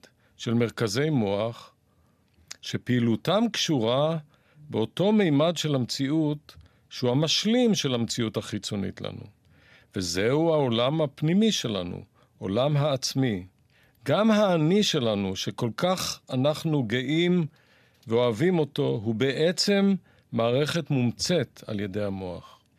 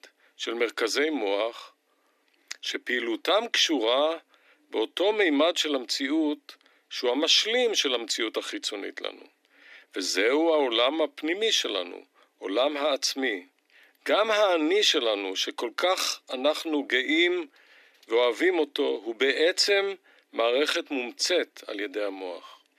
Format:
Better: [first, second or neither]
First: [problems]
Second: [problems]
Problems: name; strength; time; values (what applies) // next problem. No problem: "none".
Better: first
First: none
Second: thin; somewhat; fading below 300 Hz